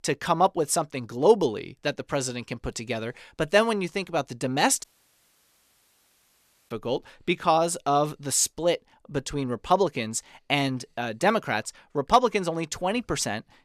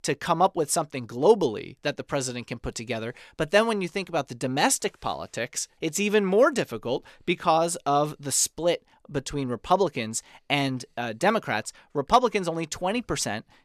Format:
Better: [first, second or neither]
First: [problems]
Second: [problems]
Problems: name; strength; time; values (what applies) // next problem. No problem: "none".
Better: second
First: audio cutting out; at 5 s for 2 s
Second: none